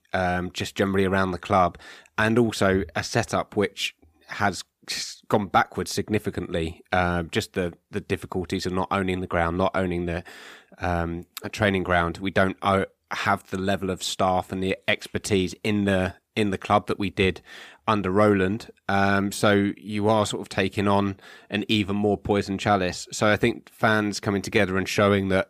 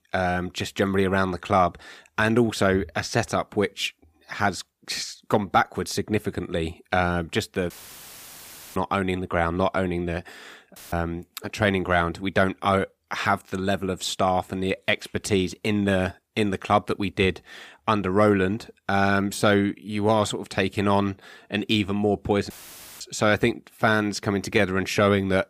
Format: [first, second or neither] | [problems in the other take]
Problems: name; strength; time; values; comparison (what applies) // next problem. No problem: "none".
first | audio cutting out; filled with static; at 7.5 s for 1 s, at 11 s and at 23 s for 0.5 s